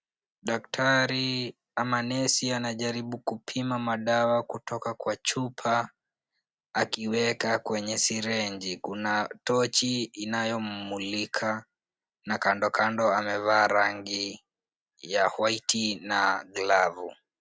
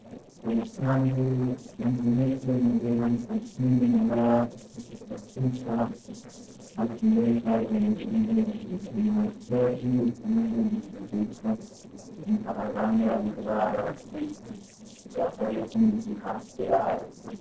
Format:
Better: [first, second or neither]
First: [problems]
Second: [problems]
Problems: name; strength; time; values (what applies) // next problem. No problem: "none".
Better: first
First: none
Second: noise reduction (neural separator model SepFormer DNS4)